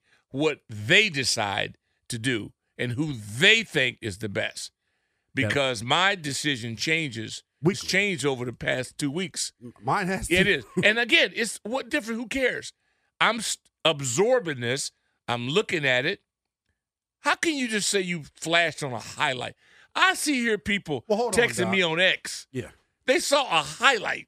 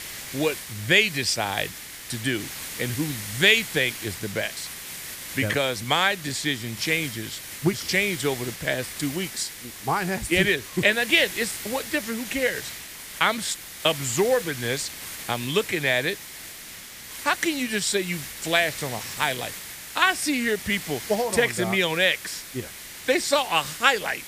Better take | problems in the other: first | hiss; noticeable; throughout; 10 dB below the speech

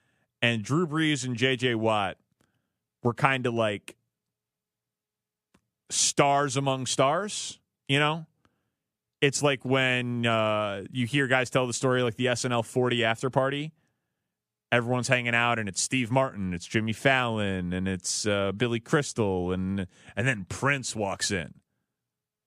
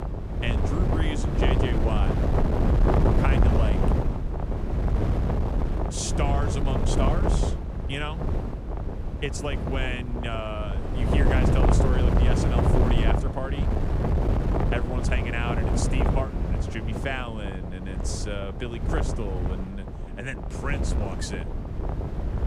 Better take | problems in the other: first | wind noise on the microphone; heavy; 1 dB above the speech

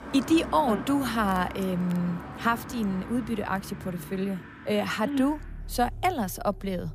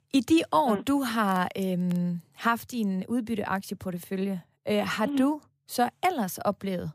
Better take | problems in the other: second | traffic noise; noticeable; throughout; 10 dB below the speech

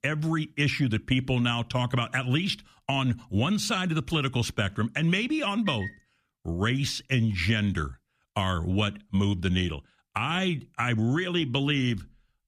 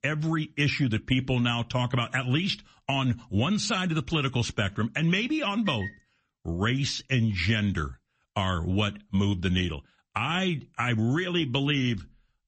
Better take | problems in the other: first | garbled, watery; slightly; nothing above 8 kHz

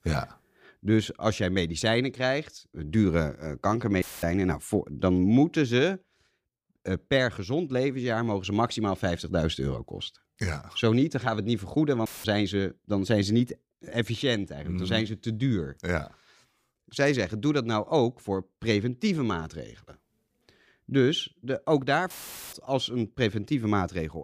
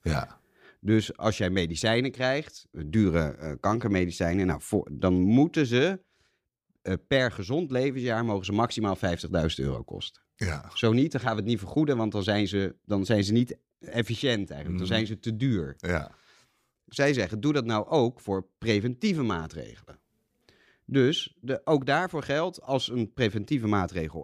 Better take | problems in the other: second | audio cutting out; filled with static; at 4 s, at 12 s and at 22 s

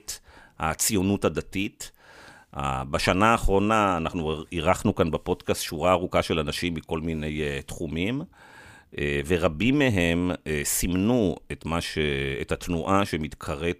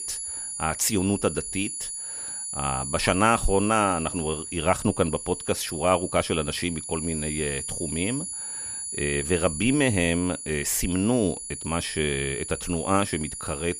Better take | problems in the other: first | high-pitched whine; loud; throughout; 10.5 kHz, 6 dB below the speech

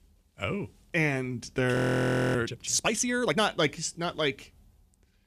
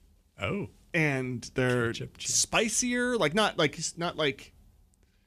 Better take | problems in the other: second | audio freezing; at 2 s for 0.5 s

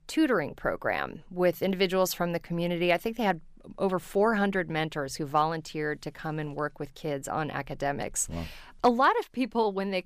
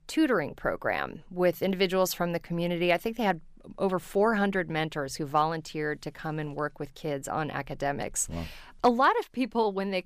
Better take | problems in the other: neither | none

